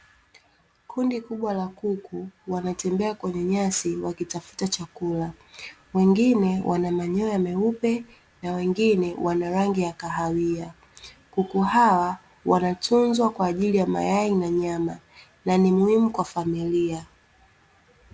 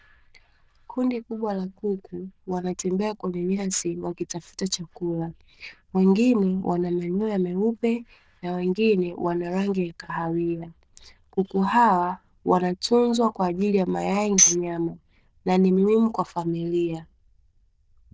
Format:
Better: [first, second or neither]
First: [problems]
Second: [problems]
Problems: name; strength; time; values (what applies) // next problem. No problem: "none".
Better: first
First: none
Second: noise reduction (neural diffusion model UNIVERSE++)